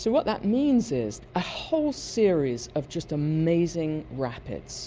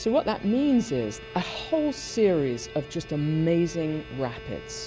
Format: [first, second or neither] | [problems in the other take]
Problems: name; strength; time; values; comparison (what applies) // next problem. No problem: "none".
first | background sound (Bowed string instrument); 18 dB below the speech